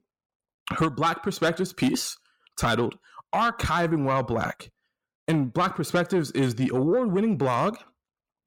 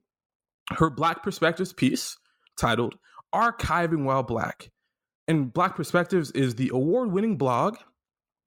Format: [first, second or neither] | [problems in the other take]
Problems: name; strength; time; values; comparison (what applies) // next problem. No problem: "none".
second | distortion; slight; 10 dB below the speech